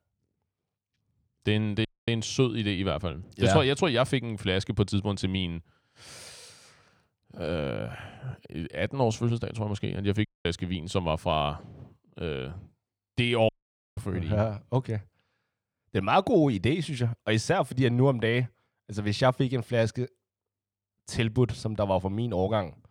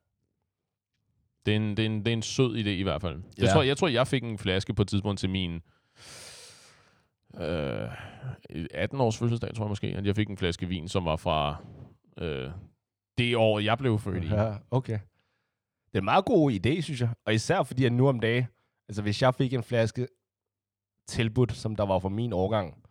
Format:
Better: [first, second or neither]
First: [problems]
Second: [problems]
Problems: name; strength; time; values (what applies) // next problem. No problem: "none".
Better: second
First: audio cutting out; at 2 s, at 10 s and at 13 s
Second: none